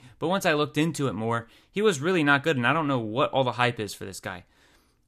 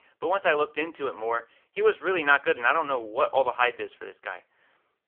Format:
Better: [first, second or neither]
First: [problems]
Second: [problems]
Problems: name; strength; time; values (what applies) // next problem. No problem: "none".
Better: first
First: none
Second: phone-call audio; poor line; nothing above 3 kHz